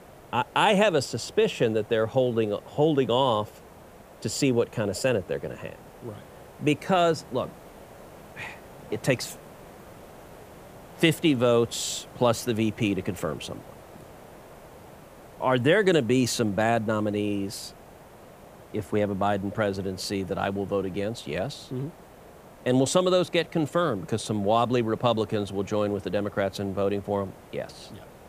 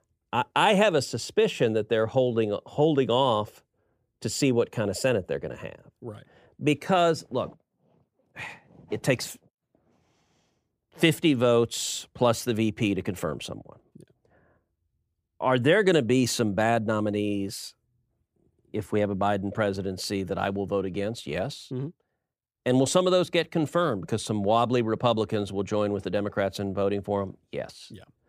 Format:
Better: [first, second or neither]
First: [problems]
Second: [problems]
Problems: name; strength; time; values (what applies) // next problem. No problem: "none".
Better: second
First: hiss; faint; throughout; 20 dB below the speech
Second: none